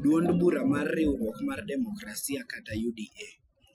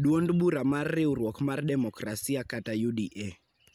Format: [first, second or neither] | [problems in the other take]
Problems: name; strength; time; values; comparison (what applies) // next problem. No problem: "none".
second | noise reduction (classical method Wiener filter)